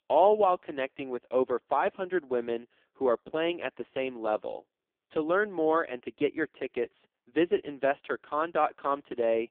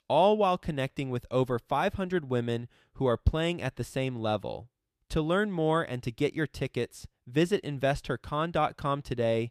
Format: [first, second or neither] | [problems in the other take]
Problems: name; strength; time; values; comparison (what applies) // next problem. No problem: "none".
second | phone-call audio; poor line